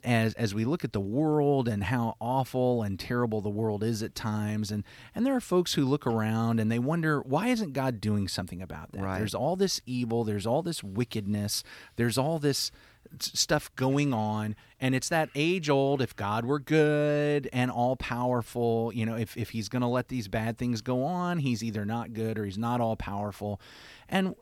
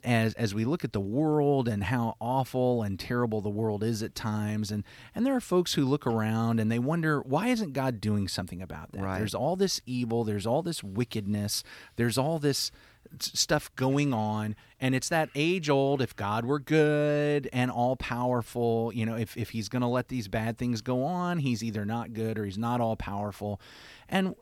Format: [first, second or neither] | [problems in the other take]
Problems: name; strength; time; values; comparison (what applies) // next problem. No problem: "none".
neither | none